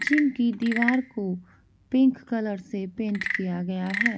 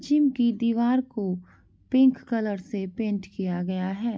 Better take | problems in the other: second | background sound (Wood / Percussion / Frog); 7 dB below the speech

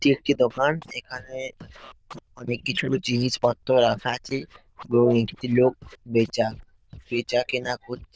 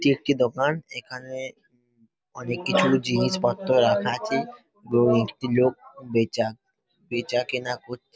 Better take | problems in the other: second | noise reduction (neural diffusion model UNIVERSE++)

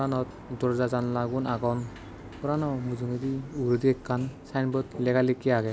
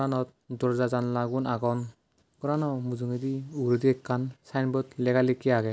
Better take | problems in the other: second | background sound (Sliding door + Boat, Water vehicle); 16 dB below the speech

